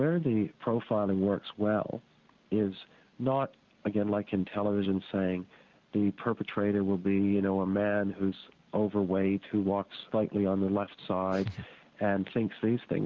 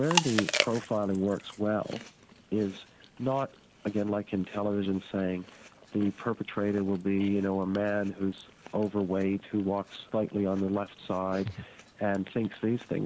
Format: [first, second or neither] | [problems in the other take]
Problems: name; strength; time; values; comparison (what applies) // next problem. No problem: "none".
first | background sound (Chewing, mastication); 10 dB below the speech